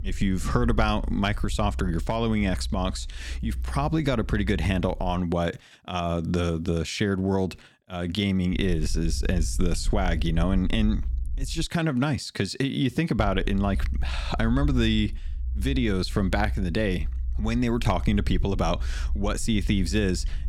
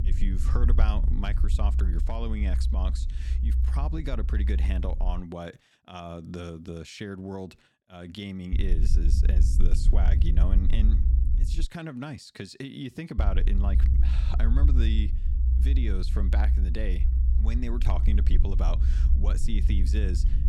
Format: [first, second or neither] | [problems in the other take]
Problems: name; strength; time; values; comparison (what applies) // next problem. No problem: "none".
first | low rumble; loud; until 5 s, from 8.5 to 12 s and from 13 s on; 6 dB below the speech; faint in the first